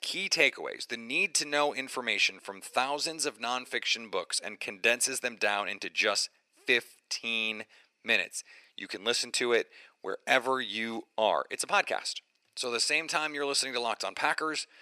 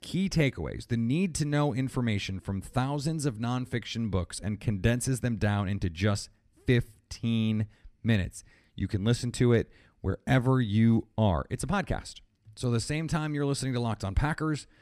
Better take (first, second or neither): second